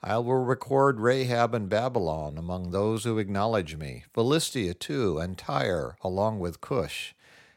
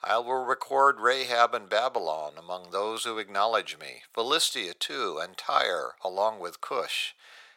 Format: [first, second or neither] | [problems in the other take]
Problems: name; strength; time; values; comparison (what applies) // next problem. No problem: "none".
first | thin; very; fading below 750 Hz